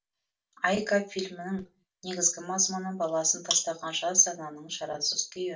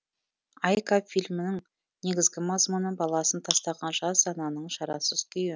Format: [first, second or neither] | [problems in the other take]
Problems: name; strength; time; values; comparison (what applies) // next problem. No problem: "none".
second | room echo; dies away in 0.2 s